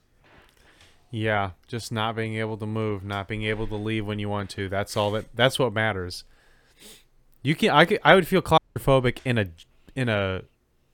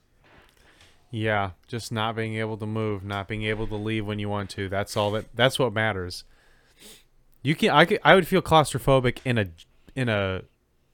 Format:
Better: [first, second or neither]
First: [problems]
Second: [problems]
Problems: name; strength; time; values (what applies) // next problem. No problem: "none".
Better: second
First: audio cutting out; at 8.5 s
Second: none